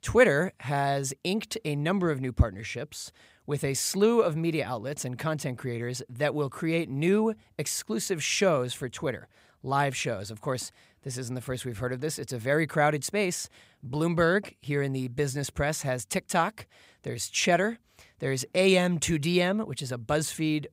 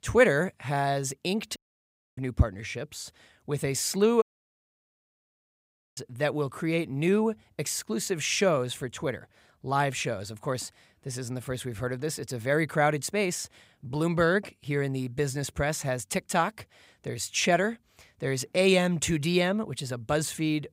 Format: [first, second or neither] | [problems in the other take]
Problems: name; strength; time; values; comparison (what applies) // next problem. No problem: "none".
first | audio cutting out; at 1.5 s for 0.5 s and at 4 s for 2 s